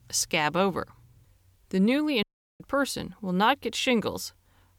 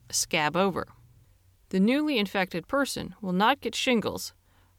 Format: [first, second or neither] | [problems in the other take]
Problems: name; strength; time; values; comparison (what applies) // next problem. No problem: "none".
second | audio cutting out; at 2 s